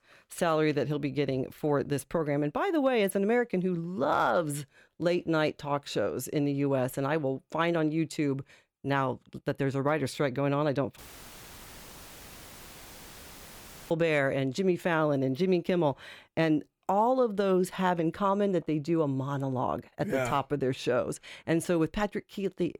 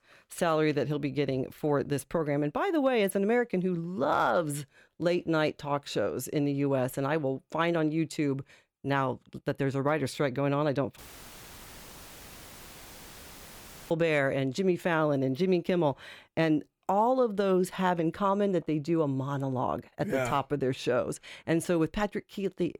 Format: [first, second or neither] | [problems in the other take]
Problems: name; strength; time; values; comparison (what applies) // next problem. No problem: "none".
neither | audio cutting out; filled with static; at 11 s for 3 s; the same in both